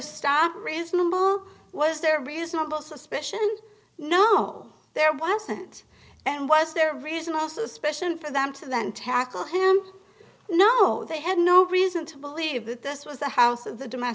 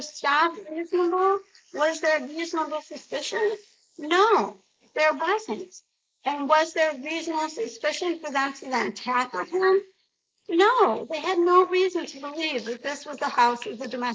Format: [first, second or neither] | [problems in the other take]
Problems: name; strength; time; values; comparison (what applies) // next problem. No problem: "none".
first | noise reduction (neural mask model Resemble Enhance denoiser)